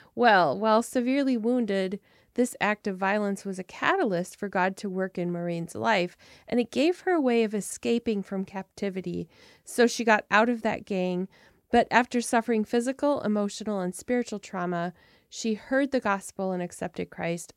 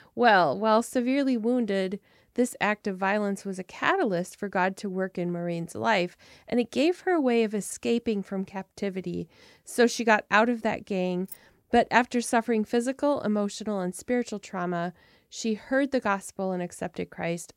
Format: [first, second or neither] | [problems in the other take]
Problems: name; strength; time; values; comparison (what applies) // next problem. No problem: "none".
first | jangling keys; faint; at 11 s; peak 20 dB below the speech